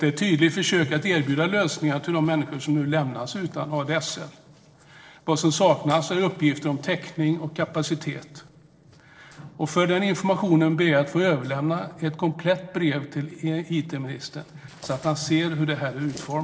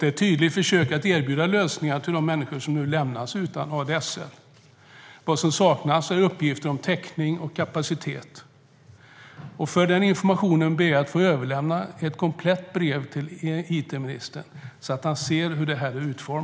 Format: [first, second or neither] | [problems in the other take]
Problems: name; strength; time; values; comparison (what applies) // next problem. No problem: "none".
second | noise reduction (neural separator model SepFormer DNS4)